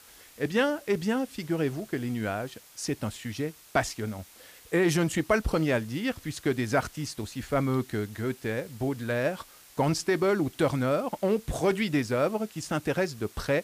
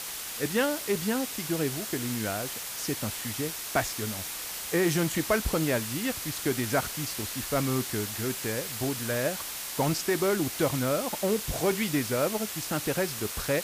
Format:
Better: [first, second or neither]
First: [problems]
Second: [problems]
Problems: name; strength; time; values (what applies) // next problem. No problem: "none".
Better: first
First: hiss; faint; throughout; 20 dB below the speech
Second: hiss; loud; throughout; 3 dB below the speech